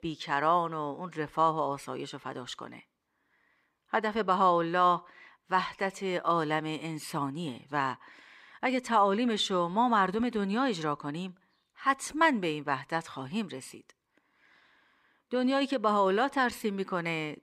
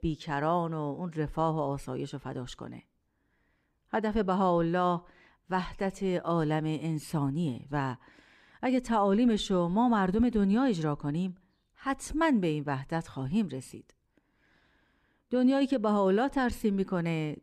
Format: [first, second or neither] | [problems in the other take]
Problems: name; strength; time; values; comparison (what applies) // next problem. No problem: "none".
second | thin; somewhat; fading below 450 Hz